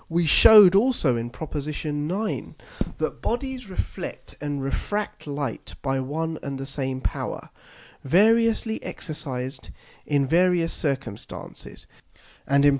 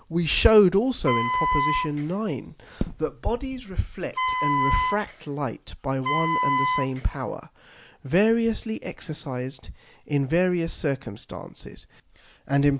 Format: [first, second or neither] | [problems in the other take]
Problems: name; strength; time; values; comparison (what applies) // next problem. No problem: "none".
first | background sound (Wind instrument, woodwind instrument); 1 dB below the speech